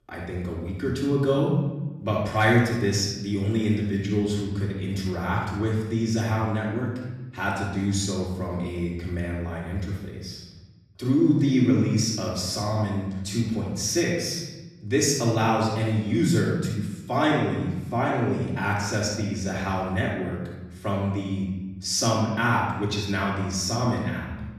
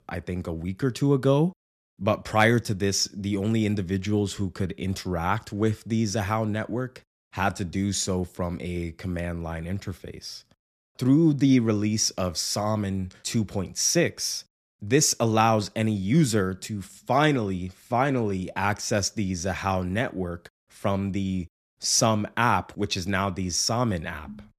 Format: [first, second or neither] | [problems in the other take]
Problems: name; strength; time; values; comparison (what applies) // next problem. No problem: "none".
second | off-mic speech; far // room echo; noticeable; dies away in 1.1 s